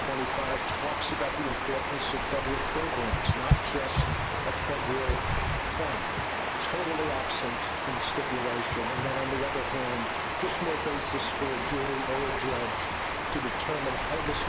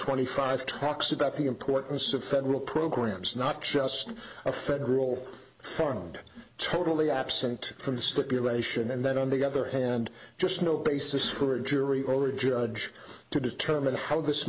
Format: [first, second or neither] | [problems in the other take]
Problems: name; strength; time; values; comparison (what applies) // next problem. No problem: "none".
second | background sound (Water); 5 dB above the speech